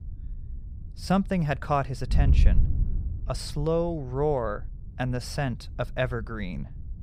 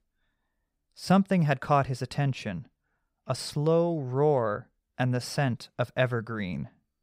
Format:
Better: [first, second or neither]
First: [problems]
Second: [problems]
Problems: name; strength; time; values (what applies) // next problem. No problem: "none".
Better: second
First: wind noise on the microphone; occasional gusts; 20 dB below the speech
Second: none